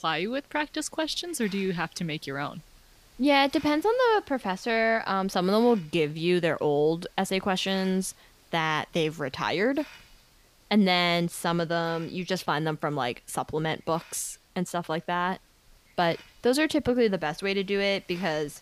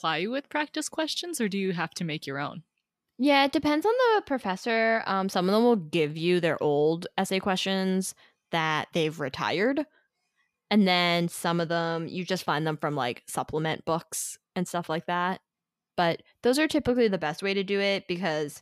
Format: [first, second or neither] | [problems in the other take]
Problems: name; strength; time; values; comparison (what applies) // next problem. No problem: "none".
second | hiss; faint; throughout; 25 dB below the speech